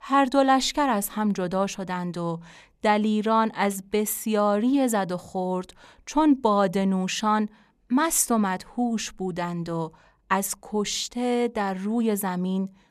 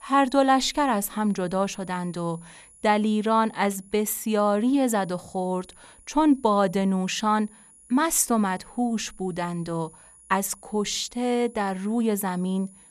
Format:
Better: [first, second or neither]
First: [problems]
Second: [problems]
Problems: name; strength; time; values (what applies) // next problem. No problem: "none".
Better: first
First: none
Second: high-pitched whine; faint; throughout; 10.5 kHz, 25 dB below the speech